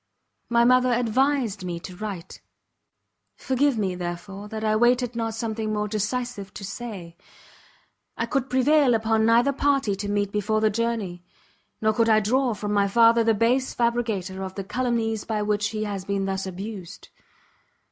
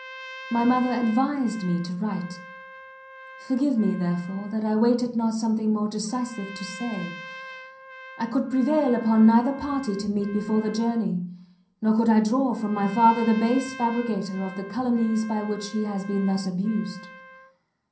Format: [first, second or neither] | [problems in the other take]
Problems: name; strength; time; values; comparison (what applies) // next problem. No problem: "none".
first | background sound (Trumpet); 18 dB below the speech // room echo; dies away in 0.6 s